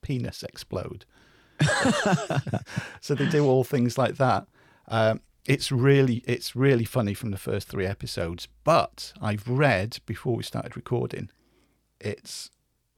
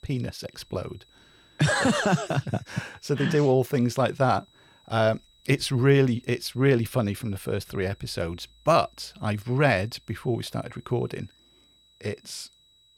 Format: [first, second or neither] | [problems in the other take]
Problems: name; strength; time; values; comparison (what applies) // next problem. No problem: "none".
first | high-pitched whine; faint; throughout; 4 kHz, 30 dB below the speech